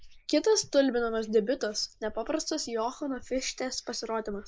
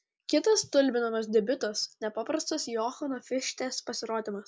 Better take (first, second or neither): second